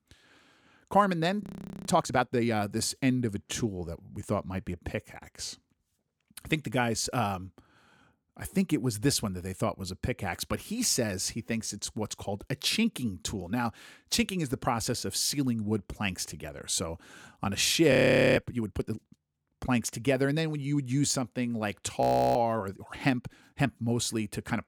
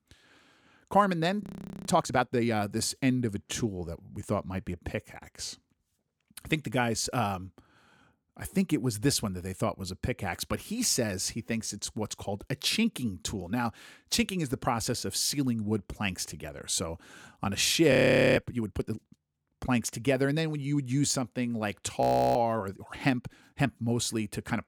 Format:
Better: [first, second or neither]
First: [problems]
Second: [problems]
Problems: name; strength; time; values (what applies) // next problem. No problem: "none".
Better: neither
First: audio freezing; at 1.5 s, at 18 s and at 22 s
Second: audio freezing; at 1.5 s, at 18 s and at 22 s